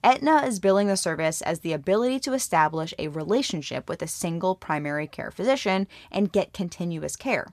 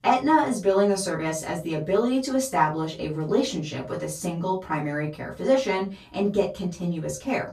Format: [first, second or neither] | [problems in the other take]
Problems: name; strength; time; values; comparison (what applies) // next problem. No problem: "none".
first | off-mic speech; far // room echo; very slight; dies away in 0.2 s